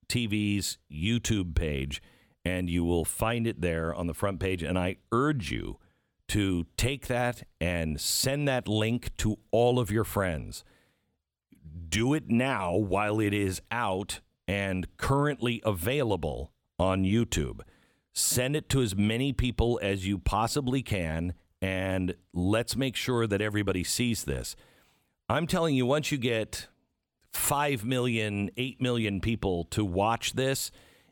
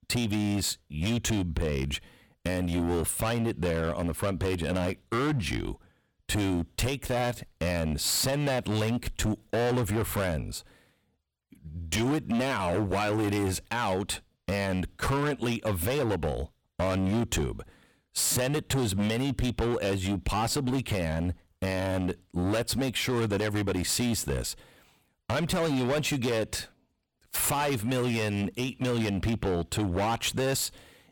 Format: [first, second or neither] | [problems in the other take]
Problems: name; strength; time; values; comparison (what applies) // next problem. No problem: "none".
first | distortion; heavy; 18% of the sound clipped